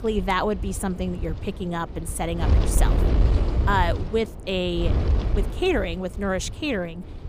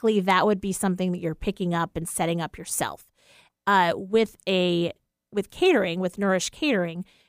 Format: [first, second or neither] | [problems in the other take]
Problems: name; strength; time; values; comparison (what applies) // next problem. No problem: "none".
second | wind noise on the microphone; heavy; 10 dB below the speech